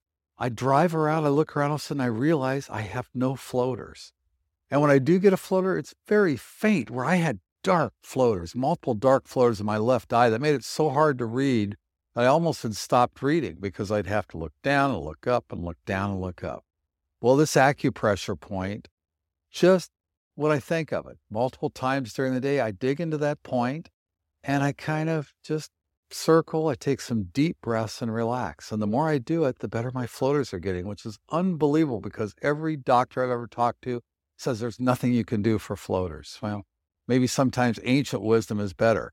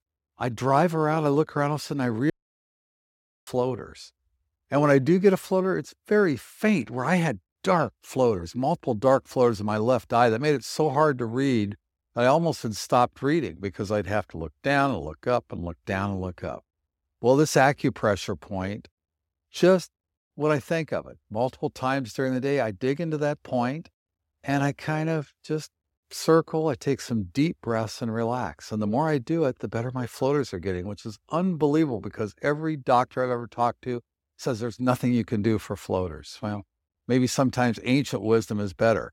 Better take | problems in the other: first | audio cutting out; at 2.5 s for 1 s

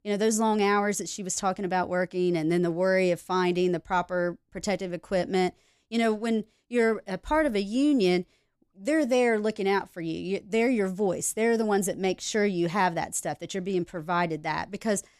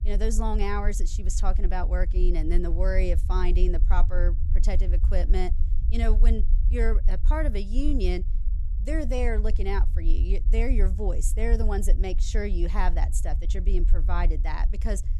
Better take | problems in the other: first | low rumble; noticeable; throughout; 15 dB below the speech

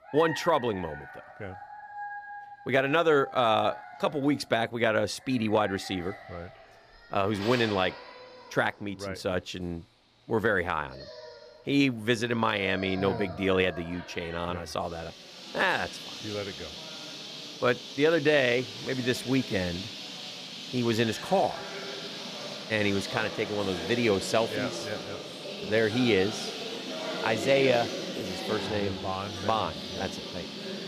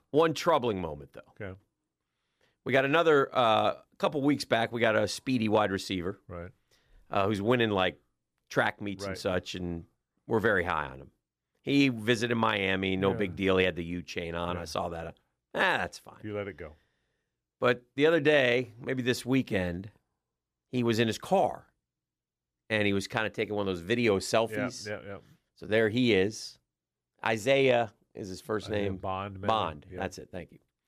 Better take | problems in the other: second | animal sounds; loud; throughout; 9 dB below the speech

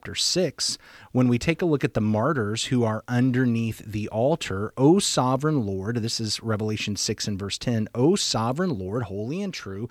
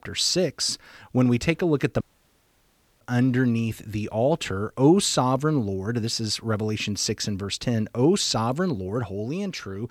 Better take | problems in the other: first | audio cutting out; at 2 s for 1 s

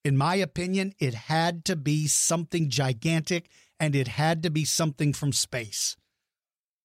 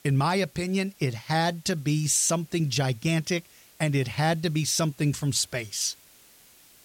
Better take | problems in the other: first | hiss; faint; throughout; 25 dB below the speech

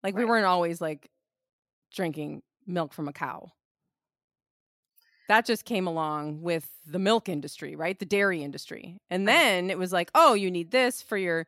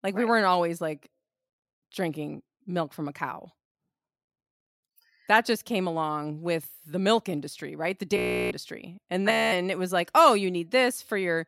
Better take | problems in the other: first | audio freezing; at 8 s and at 9.5 s

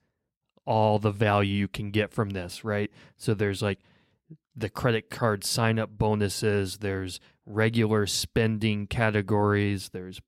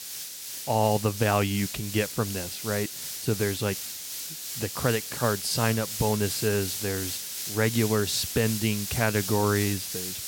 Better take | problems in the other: first | hiss; loud; throughout; 5 dB below the speech

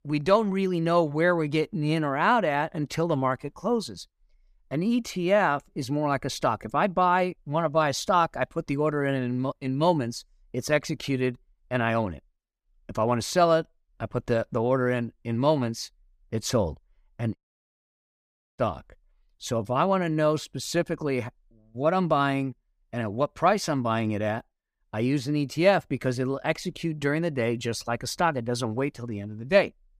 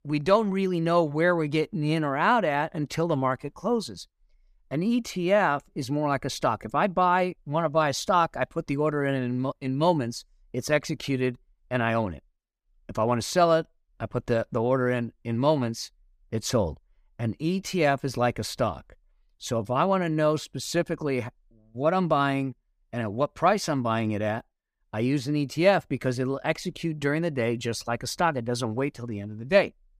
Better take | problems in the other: second | audio cutting out; at 17 s for 1 s

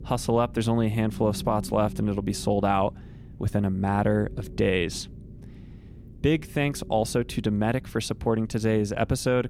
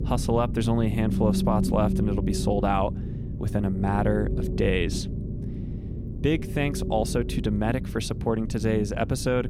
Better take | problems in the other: first | low rumble; loud; throughout; 10 dB below the speech; faint in the first

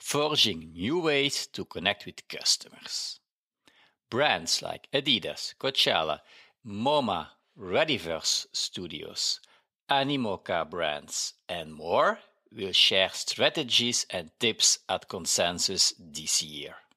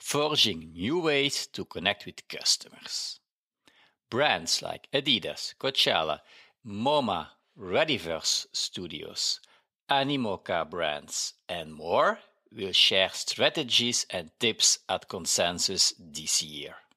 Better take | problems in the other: neither | thin; somewhat; fading below 750 Hz; the same in both

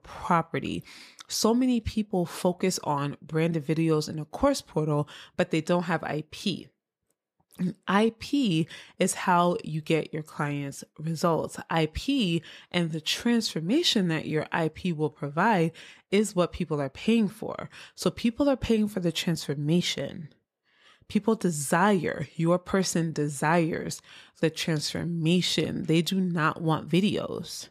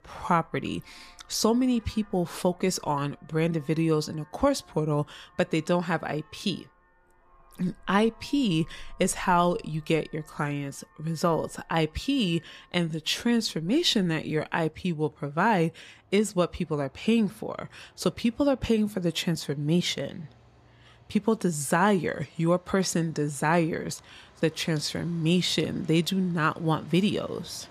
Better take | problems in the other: first | traffic noise; faint; throughout; 30 dB below the speech

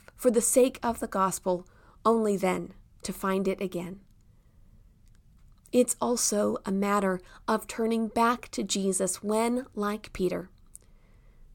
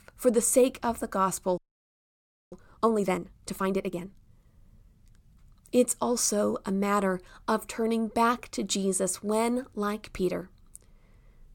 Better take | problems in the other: first | audio freezing; at 1.5 s for 1 s

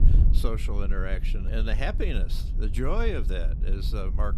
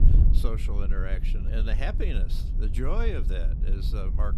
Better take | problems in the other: first | wind noise on the microphone; heavy; 8 dB below the speech; occasional gusts in the first

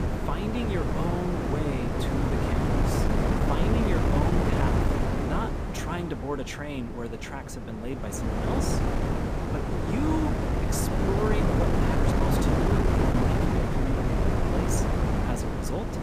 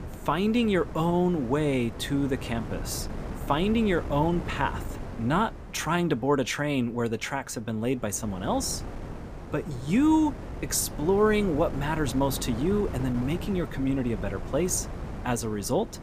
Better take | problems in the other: second | wind noise on the microphone; heavy; 5 dB above the speech; occasional gusts in the second

